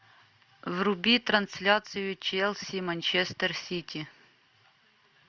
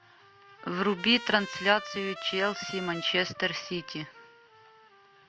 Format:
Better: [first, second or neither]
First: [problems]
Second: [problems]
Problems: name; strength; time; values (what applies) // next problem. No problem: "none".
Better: first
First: none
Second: background sound (Trumpet); 13 dB below the speech